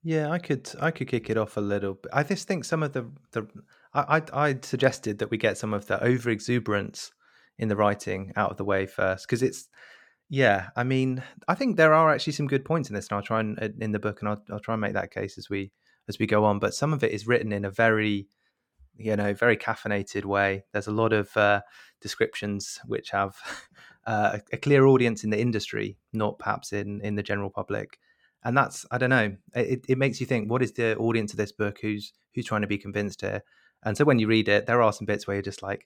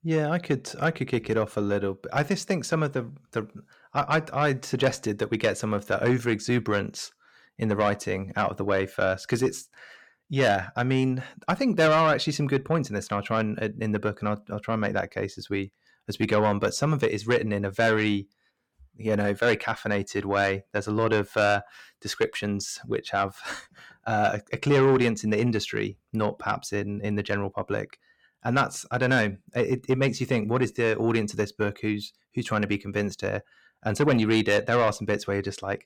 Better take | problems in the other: first | distortion; slight; 10 dB below the speech

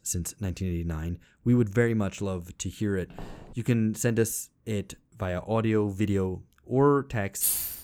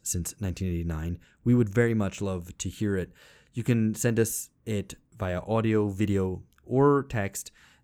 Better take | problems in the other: second | footsteps; faint; at 3 s; peak 15 dB below the speech // jangling keys; loud; at 7.5 s; peak 3 dB above the speech

